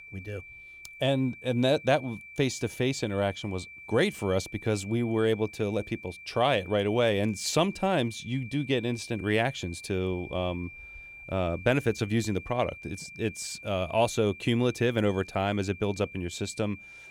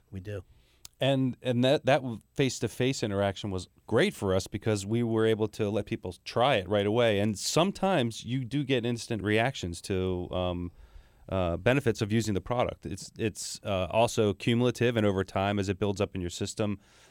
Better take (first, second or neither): second